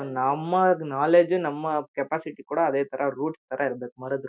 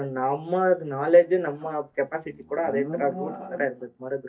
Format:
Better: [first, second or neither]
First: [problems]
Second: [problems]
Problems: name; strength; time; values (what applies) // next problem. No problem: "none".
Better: first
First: none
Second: noise reduction (neural mask model DeepFilterNet 3)